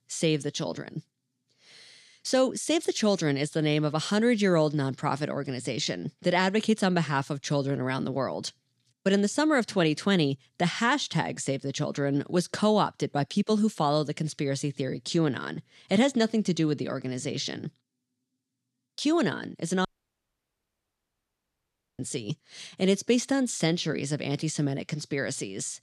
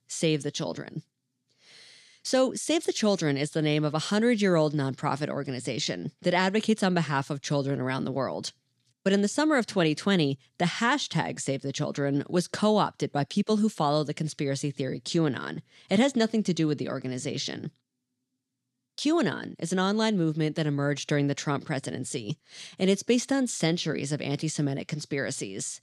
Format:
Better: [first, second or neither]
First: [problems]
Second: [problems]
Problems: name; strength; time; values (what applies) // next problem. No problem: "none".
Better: second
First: audio cutting out; at 20 s for 2 s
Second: none